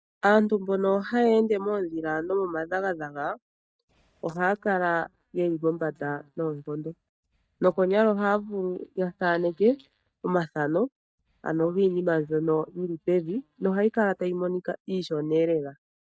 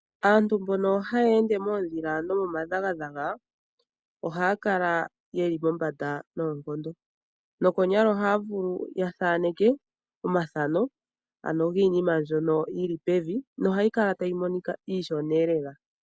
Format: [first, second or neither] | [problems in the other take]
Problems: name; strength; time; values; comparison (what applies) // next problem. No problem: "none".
second | noise reduction (neural mask model DeepFilterNet 3)